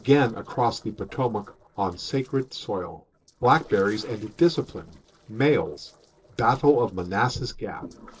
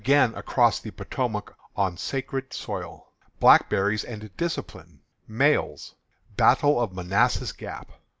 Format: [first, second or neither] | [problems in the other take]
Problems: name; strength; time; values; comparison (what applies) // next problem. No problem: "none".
second | noise reduction (neural separator model SepFormer DNS4)